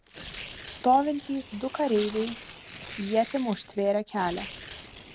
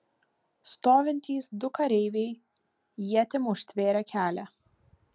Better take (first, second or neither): second